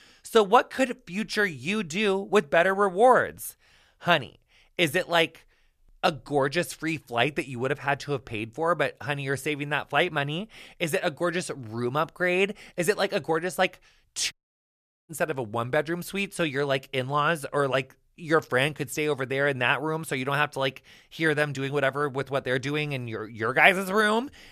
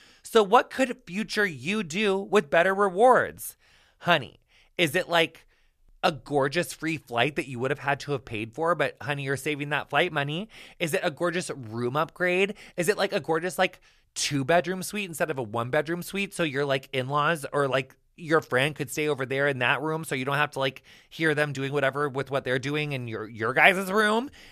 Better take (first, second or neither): second